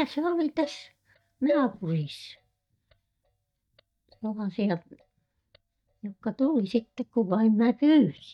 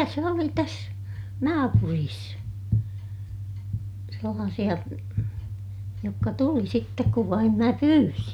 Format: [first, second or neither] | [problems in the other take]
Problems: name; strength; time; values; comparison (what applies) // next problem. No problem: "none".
second | noise reduction (neural mask model DeepFilterNet 3)